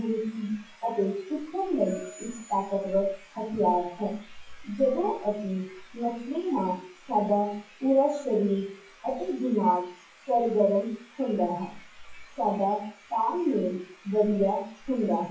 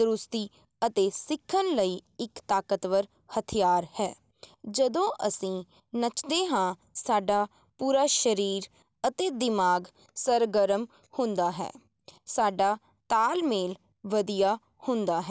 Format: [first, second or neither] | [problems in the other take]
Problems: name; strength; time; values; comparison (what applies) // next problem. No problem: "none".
second | noise reduction (classical method WPE with log-MMSE)